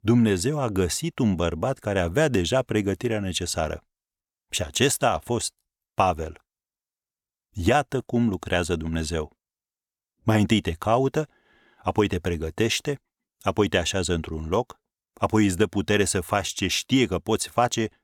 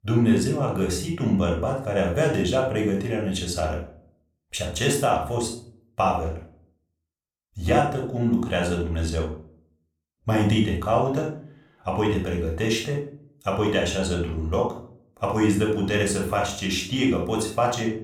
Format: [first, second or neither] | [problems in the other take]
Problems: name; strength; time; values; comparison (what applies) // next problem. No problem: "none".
first | off-mic speech; somewhat distant // room echo; noticeable; dies away in 0.4 s